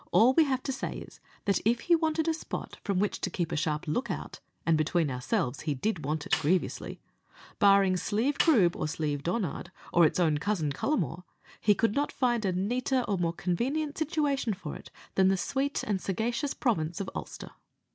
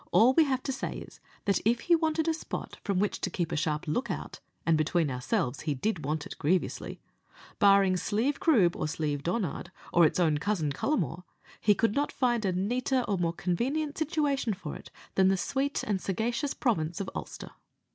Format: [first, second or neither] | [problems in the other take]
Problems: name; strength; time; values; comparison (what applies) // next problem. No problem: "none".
second | background sound (Snare drum); 10 dB below the speech